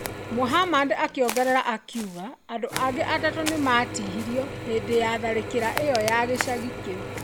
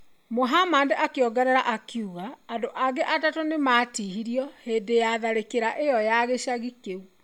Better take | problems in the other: second | background sound (Drill / Mechanisms + Walk, footsteps); 8 dB below the speech

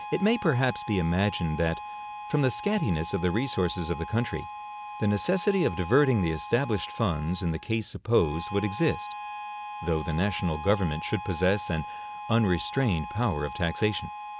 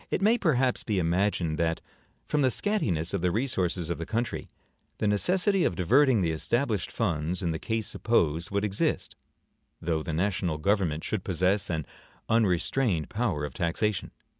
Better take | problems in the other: second | background sound (Harmonica); 11 dB below the speech

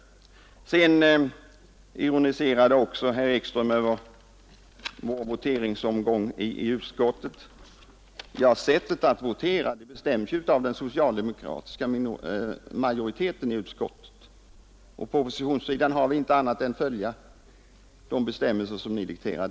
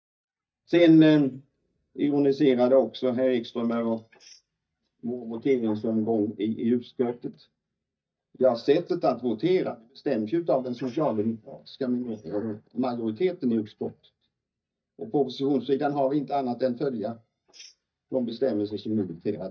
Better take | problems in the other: first | noise reduction (neural mask model DeepFilterNet 3)

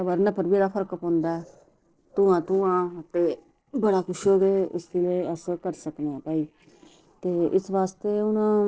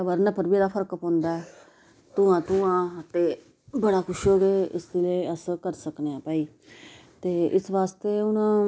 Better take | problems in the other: second | noise reduction (neural separator model SepFormer DNS4)

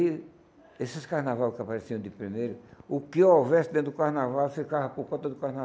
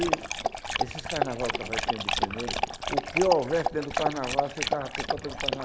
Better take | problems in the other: first | background sound (Dog); 1 dB above the speech

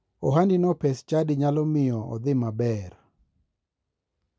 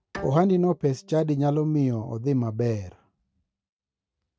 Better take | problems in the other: first | noise reduction (neural mask model RNNoise)

